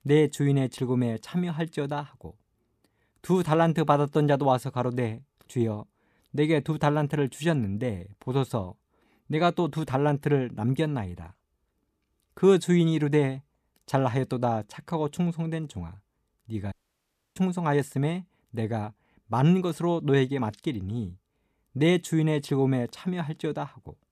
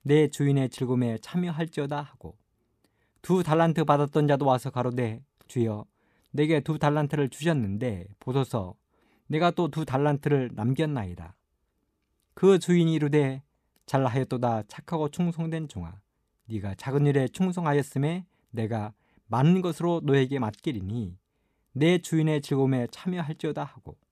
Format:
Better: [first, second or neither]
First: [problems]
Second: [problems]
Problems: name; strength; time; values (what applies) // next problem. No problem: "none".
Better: second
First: audio cutting out; at 17 s for 0.5 s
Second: none